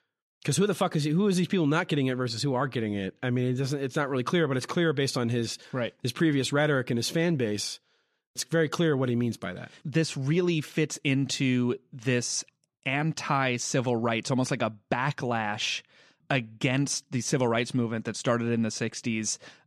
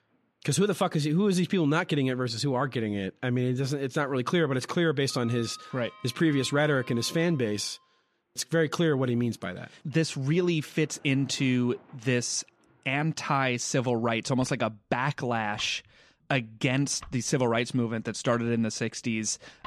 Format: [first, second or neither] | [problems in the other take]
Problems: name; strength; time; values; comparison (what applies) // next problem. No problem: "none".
first | household noises; faint; throughout; 25 dB below the speech